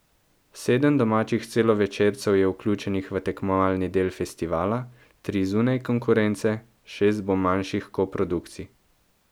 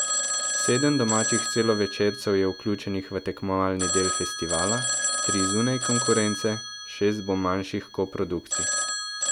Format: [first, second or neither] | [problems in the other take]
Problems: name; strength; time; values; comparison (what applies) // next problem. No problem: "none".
first | background sound (Telephone); 3 dB below the speech